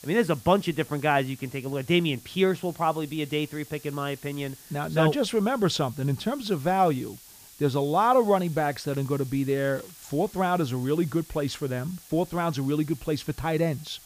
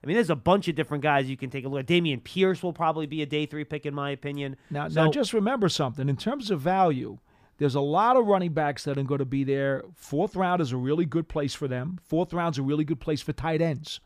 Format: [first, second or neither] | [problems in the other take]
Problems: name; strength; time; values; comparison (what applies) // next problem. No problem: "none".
second | hiss; faint; throughout; 20 dB below the speech